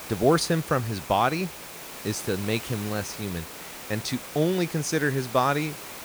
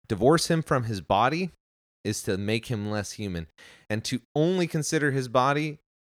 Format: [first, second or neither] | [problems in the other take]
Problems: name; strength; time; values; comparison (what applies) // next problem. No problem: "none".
second | hiss; noticeable; throughout; 10 dB below the speech